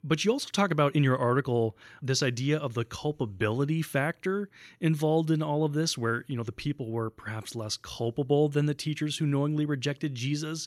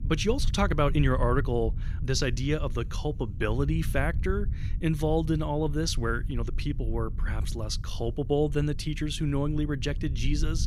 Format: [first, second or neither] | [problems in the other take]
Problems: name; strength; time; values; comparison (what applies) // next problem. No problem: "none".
first | low rumble; noticeable; throughout; 20 dB below the speech